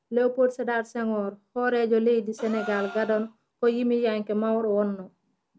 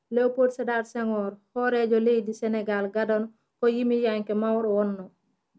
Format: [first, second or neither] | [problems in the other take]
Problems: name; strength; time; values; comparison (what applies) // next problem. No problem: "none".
second | background sound (Gasp); 16 dB below the speech